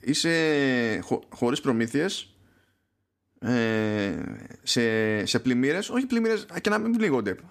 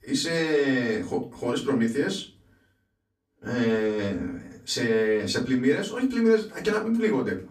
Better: first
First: none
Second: off-mic speech; far // room echo; very slight; dies away in 0.3 s

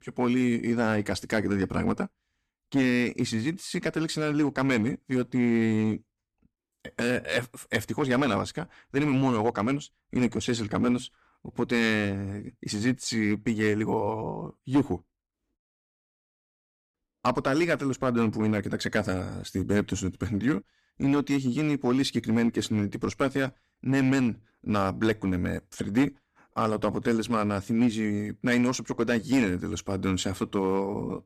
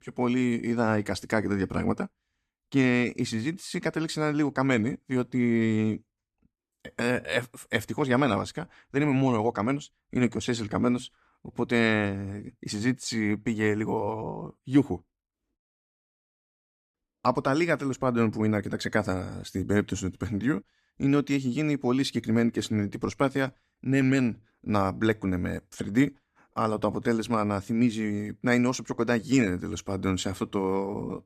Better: second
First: distortion; slight; 3% of the sound clipped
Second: none

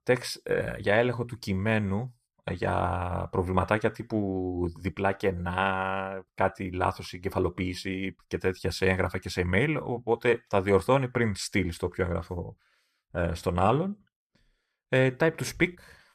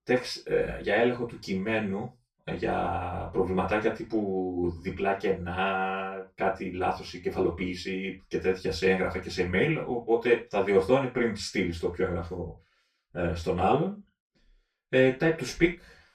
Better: first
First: none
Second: room echo; slight; dies away in 0.2 s // off-mic speech; far

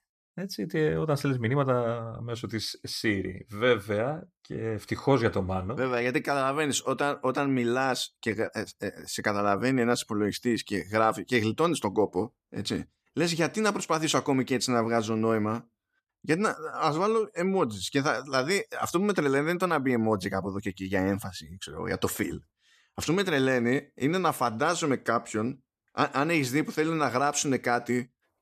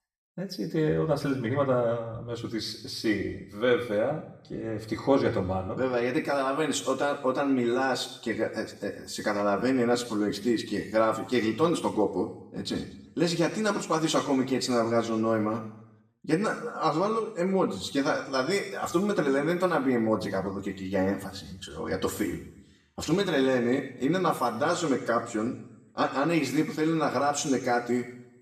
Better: first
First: none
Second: room echo; slight; dies away in 0.7 s // off-mic speech; somewhat distant

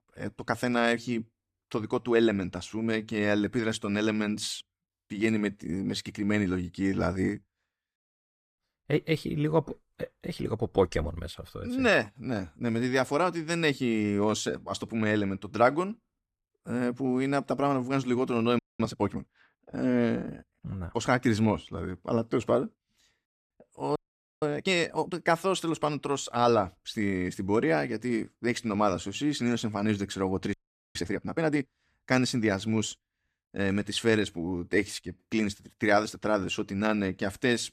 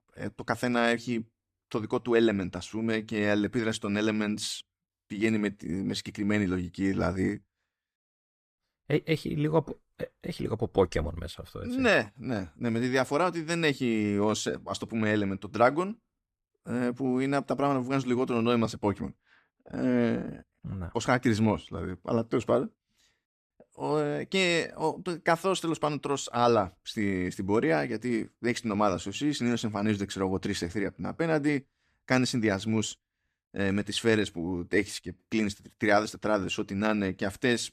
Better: second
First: audio freezing; at 19 s, at 24 s and at 31 s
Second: none

